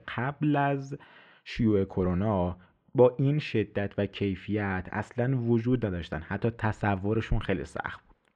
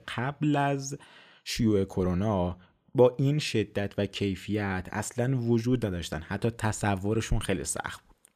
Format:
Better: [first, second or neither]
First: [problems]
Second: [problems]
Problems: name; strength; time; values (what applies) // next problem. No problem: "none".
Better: second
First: muffled; very; fading above 2 kHz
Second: none